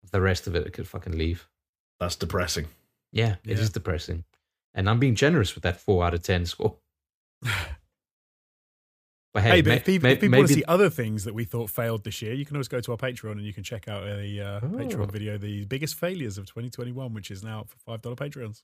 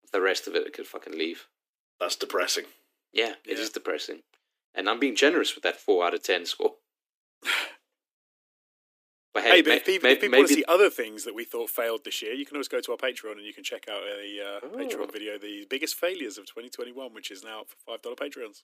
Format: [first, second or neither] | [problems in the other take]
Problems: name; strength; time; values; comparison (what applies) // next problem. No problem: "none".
first | thin; somewhat; fading below 300 Hz